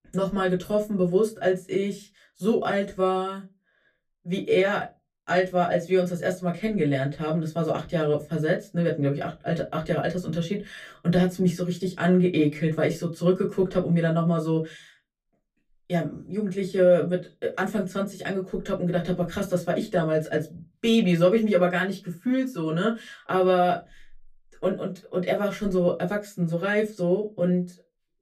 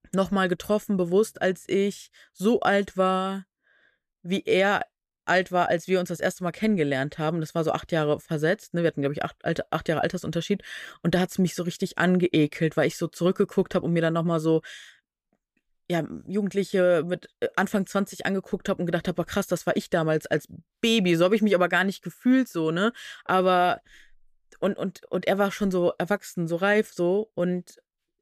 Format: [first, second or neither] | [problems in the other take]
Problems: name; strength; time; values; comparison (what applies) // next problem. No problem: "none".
second | off-mic speech; far // room echo; very slight; dies away in 0.2 s